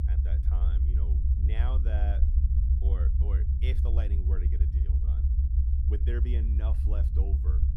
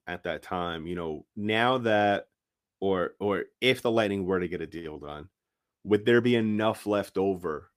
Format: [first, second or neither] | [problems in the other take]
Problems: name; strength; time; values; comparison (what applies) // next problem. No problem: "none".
second | low rumble; loud; throughout; as loud as the speech